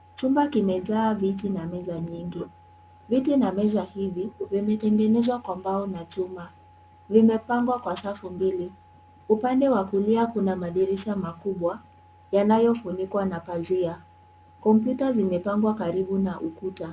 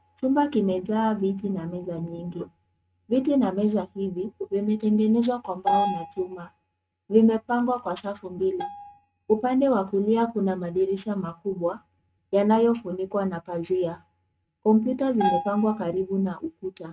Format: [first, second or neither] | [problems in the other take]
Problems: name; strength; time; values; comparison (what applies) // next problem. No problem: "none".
first | noise reduction (neural mask model RNNoise)